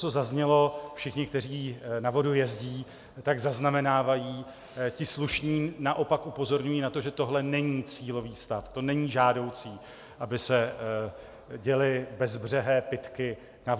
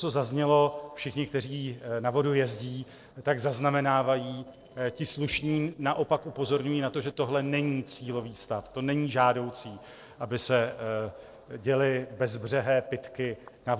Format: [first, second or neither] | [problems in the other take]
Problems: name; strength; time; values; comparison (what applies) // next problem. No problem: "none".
first | noise reduction (neural separator model SepFormer DNS4)